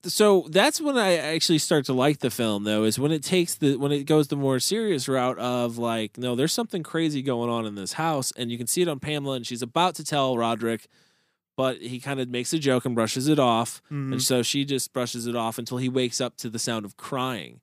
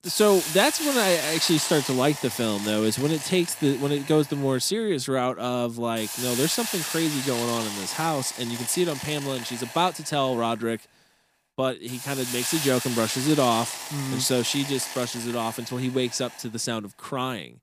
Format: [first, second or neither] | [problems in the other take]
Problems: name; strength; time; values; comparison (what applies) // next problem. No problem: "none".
first | hiss; loud; throughout; 6 dB below the speech